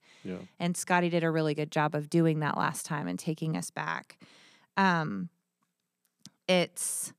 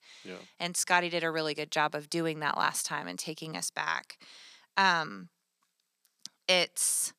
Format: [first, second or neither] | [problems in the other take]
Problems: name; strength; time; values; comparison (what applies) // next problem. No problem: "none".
first | thin; somewhat; fading below 950 Hz